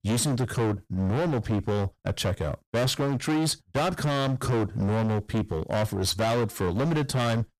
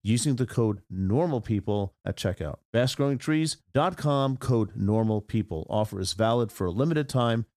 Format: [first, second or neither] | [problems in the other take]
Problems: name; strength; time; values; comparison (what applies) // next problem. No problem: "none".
second | distortion; heavy; 27% of the sound clipped